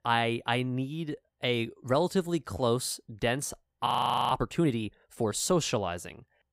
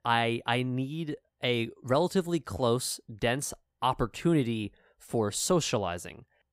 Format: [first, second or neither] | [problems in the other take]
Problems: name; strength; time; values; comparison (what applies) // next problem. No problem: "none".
second | audio freezing; at 4 s